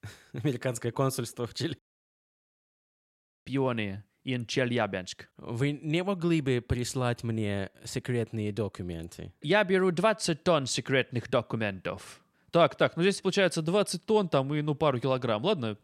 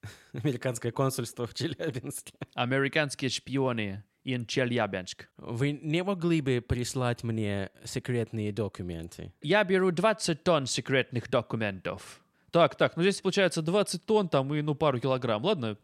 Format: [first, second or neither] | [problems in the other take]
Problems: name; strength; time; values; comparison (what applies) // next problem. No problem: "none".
second | audio cutting out; at 2 s for 1.5 s